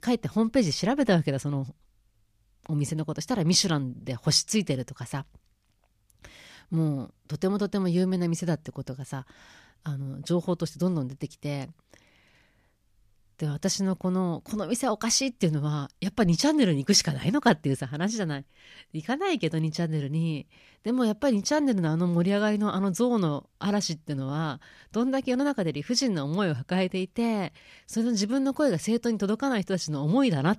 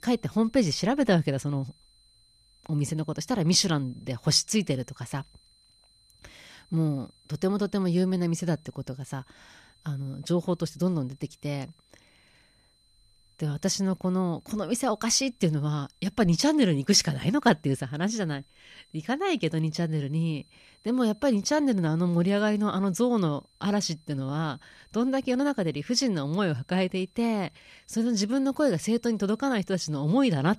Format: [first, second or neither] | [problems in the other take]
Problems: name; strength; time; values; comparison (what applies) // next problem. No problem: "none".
first | high-pitched whine; faint; throughout; 4 kHz, 35 dB below the speech